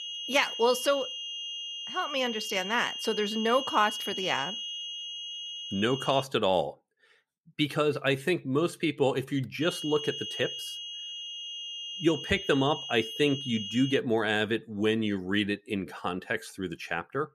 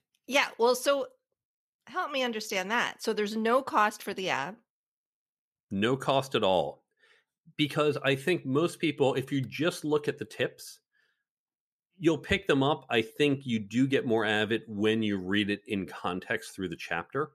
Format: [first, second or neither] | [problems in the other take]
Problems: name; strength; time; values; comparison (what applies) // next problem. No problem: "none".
second | high-pitched whine; loud; until 6 s and from 9.5 to 14 s; 3 kHz, 6 dB below the speech